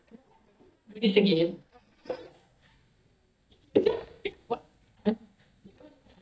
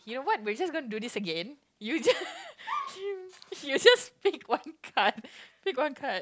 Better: second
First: noise reduction (neural mask model DeepFilterNet 3)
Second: none

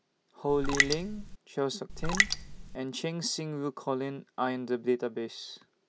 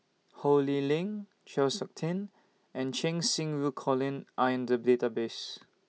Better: second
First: background sound (Raindrop); 3 dB above the speech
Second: none

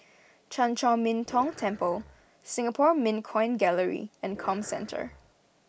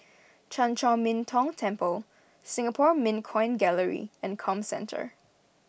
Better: second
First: background sound (Growling); 19 dB below the speech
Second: none

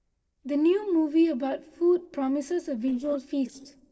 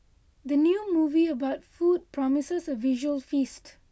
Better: second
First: noise reduction (neural separator model SepFormer DNS4)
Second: none

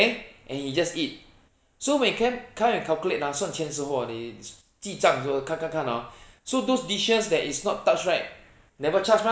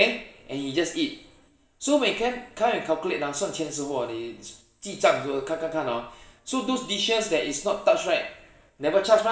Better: first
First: none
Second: room echo; dies away in 0.5 s

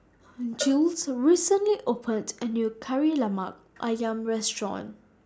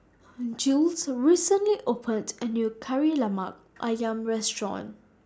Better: second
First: background sound (Cowbell); 17 dB below the speech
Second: none

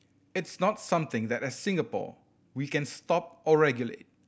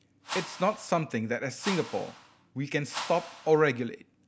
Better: first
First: none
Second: background sound (Whoosh, swoosh, swish); 12 dB below the speech

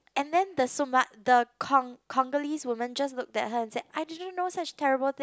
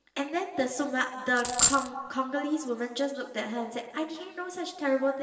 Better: first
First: none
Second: background sound (Coin (dropping)); 4 dB above the speech // room echo; dies away in 2.1 s

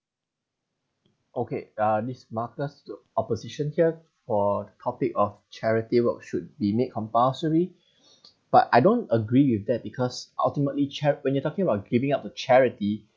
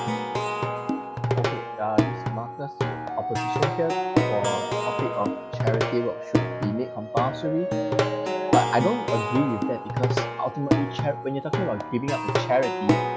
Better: first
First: none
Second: background sound (Plucked string instrument); 3 dB above the speech

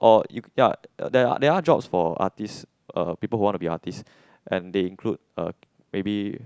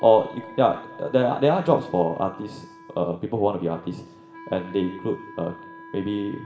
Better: first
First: none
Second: background sound (Wind instrument, woodwind instrument); 19 dB below the speech // room echo; dies away in 0.9 s

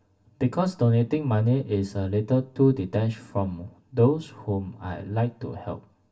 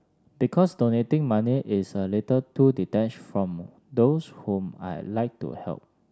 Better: second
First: room echo; dies away in 0.2 s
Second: none

